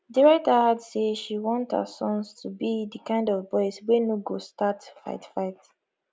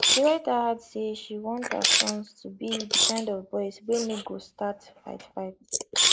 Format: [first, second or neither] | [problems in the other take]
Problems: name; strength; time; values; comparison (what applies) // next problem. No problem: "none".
first | noise reduction (neural mask model Resemble Enhance denoiser)